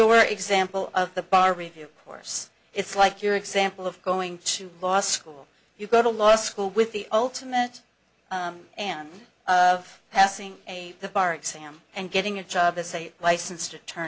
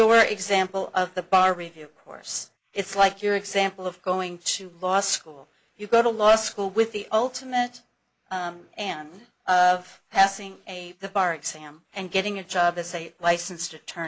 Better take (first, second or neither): first